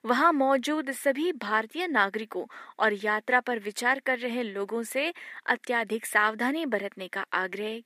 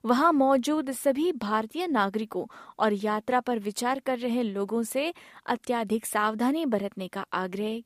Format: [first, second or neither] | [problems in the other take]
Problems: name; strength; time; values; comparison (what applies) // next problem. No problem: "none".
second | thin; very slightly; fading below 300 Hz